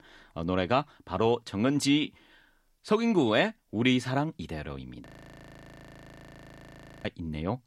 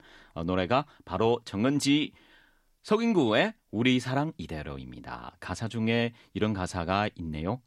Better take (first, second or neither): second